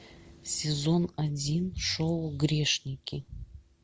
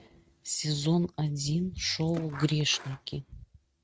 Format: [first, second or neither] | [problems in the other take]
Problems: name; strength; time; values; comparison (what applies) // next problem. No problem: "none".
first | noise reduction (neural mask model RNNoise)